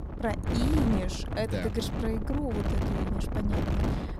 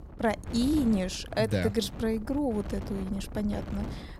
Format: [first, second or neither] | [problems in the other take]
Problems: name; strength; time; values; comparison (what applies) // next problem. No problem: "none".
second | wind noise on the microphone; heavy; 2 dB below the speech; occasional gusts in the second